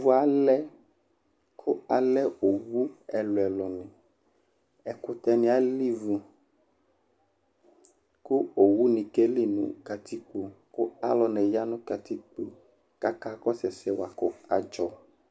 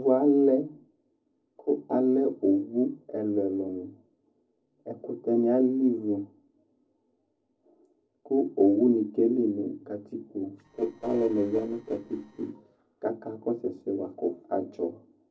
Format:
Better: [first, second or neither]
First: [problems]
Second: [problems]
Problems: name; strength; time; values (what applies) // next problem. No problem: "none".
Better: first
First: none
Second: noise reduction (neural separator model SepFormer DNS4)